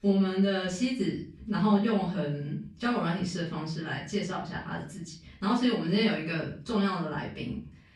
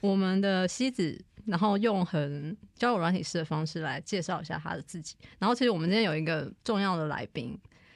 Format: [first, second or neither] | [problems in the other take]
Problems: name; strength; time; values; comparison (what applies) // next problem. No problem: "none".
second | room echo; slight; dies away in 0.4 s // off-mic speech; far